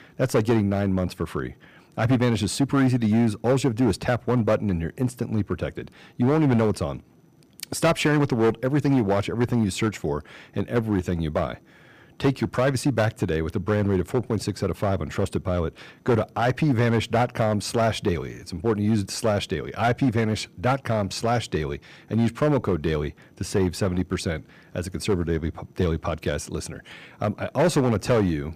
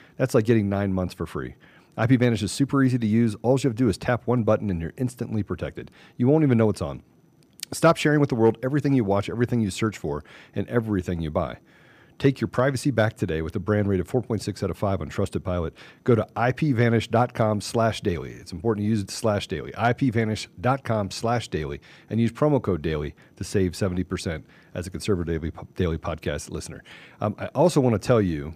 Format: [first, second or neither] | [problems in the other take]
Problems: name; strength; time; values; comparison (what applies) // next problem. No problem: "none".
second | distortion; slight; 6% of the sound clipped